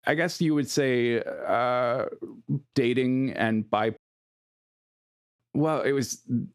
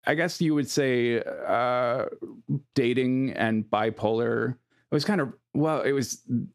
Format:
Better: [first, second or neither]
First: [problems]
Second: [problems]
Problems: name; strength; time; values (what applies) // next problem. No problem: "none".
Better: second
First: audio cutting out; at 4 s for 1.5 s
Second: none